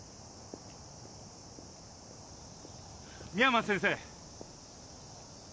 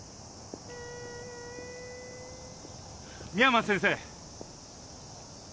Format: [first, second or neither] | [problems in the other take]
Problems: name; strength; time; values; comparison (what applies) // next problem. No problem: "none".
first | background sound (Wind instrument, woodwind instrument); 13 dB below the speech